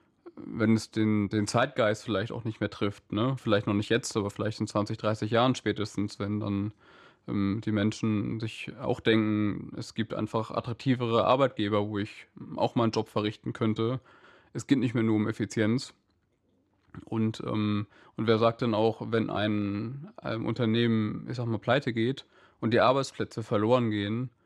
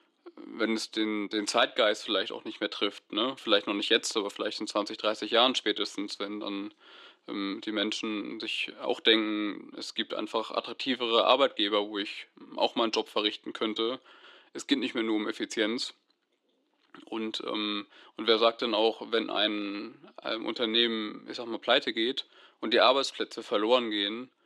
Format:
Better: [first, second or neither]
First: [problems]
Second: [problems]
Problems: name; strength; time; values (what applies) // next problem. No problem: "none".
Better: first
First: none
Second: thin; somewhat; fading below 300 Hz